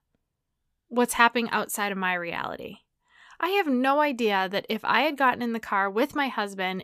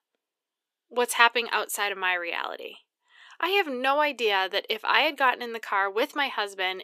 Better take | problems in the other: first | thin; somewhat; fading below 350 Hz

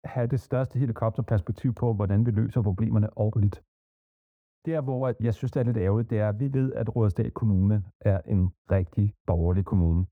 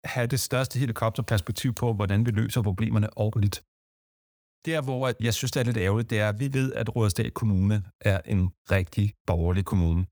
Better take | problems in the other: second | muffled; very; fading above 2 kHz

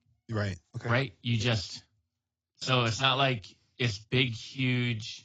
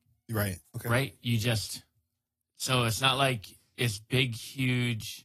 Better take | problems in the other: second | garbled, watery; badly; nothing above 7.5 kHz; slightly in the second

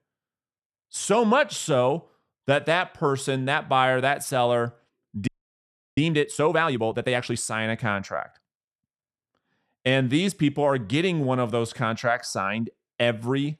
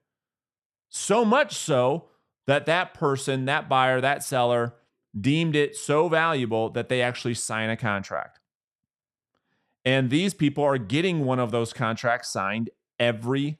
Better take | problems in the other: second | audio freezing; at 5.5 s for 0.5 s

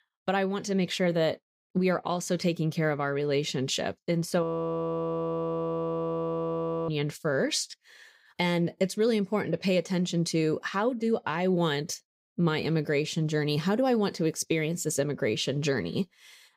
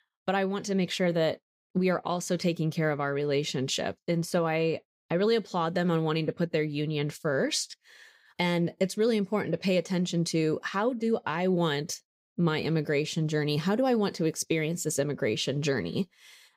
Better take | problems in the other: second | audio freezing; at 4.5 s for 2.5 s

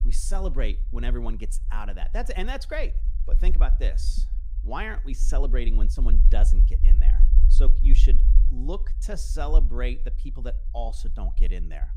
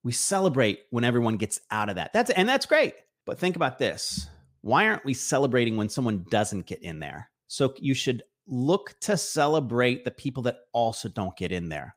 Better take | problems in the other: second | low rumble; noticeable; throughout; 15 dB below the speech

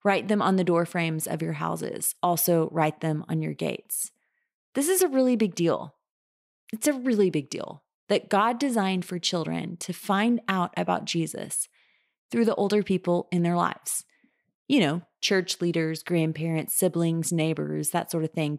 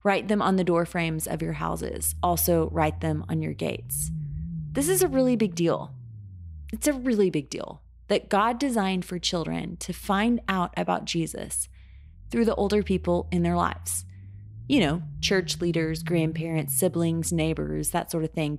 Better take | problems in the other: first | low rumble; faint; throughout; 20 dB below the speech

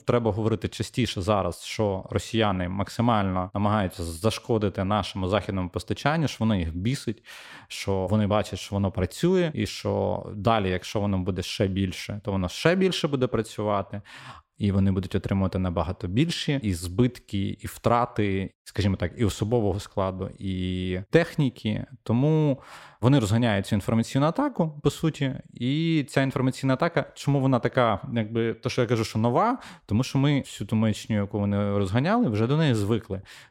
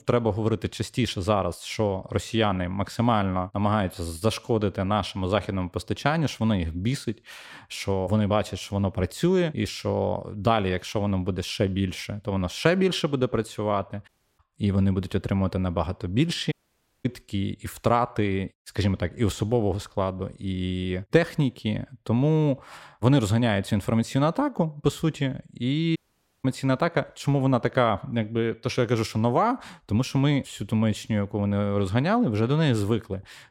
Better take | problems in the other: first | audio cutting out; at 14 s, at 17 s for 0.5 s and at 26 s

